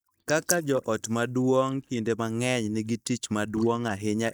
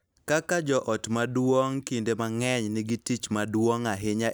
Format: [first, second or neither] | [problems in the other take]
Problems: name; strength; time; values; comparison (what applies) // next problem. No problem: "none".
second | noise reduction (neural mask model DeepFilterNet 3)